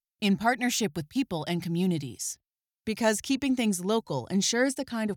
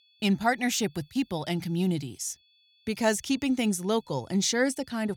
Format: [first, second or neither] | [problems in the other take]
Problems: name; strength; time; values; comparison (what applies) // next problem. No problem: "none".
first | high-pitched whine; faint; throughout; 3.5 kHz, 35 dB below the speech